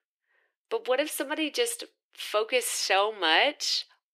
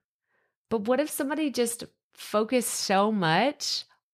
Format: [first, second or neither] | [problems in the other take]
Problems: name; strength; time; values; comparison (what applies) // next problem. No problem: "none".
second | thin; somewhat; fading below 300 Hz